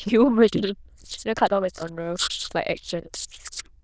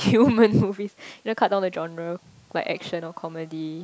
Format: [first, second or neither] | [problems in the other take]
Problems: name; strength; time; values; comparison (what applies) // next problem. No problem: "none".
second | noise reduction (neural diffusion model UNIVERSE++)